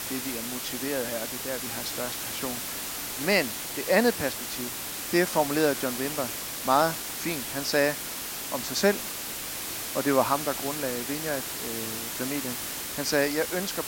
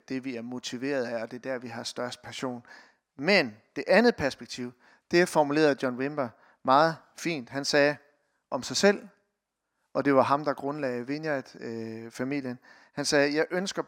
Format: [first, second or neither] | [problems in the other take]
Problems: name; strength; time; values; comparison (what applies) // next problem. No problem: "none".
second | hiss; loud; throughout; 3 dB below the speech